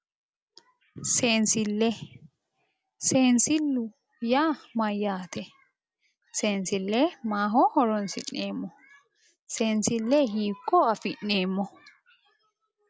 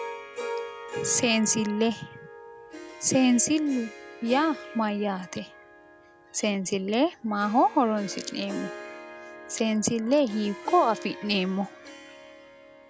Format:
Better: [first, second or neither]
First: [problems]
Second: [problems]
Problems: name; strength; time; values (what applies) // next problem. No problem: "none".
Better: first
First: none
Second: background sound (Harp); 13 dB below the speech